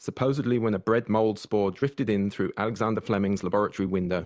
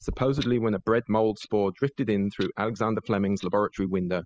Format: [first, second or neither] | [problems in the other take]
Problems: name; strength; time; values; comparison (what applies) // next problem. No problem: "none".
first | noise reduction (classical method spectral subtraction)